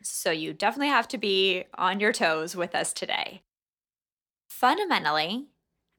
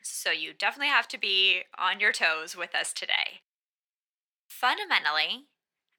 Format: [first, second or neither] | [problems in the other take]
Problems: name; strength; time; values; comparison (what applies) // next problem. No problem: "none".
first | thin; somewhat; fading below 1 kHz